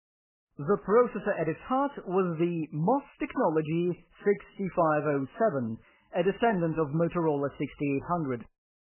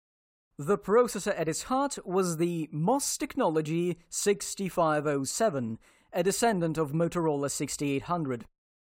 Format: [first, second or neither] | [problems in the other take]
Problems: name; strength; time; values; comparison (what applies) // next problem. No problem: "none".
second | garbled, watery; badly; nothing above 3 kHz